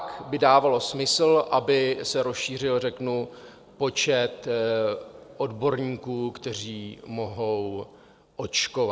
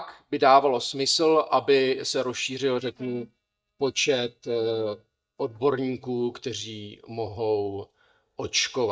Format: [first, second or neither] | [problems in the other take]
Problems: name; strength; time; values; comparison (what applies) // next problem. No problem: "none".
first | noise reduction (neural mask model DeepFilterNet 3)